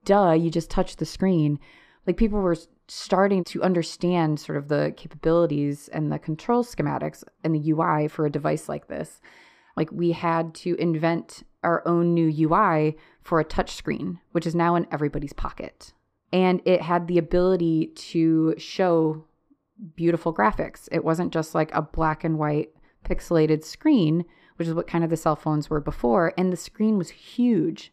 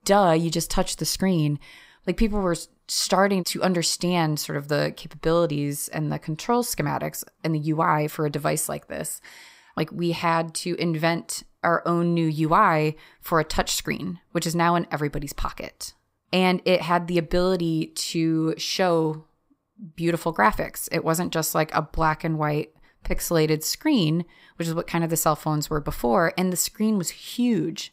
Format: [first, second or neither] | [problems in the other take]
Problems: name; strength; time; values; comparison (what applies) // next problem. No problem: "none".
second | muffled; slightly; fading above 1.5 kHz